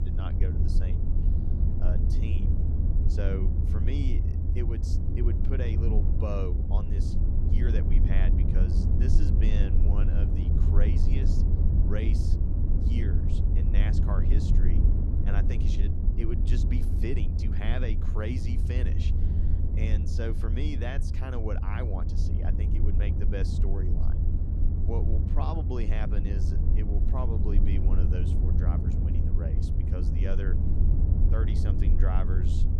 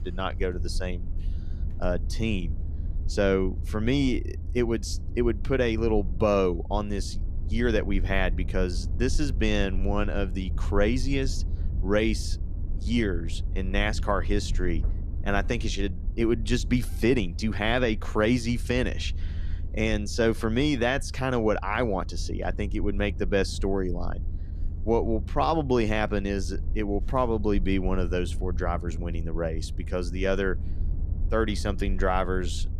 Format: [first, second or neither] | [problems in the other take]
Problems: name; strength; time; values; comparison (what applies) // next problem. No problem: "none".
second | low rumble; loud; throughout; 1 dB below the speech; faint in the second